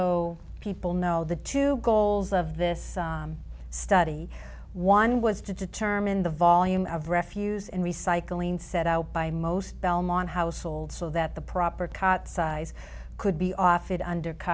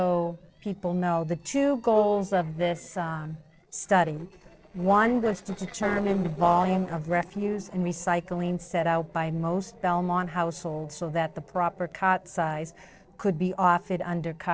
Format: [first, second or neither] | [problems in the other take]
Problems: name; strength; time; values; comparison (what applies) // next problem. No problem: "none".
first | noise reduction (neural separator model SepFormer DNS4)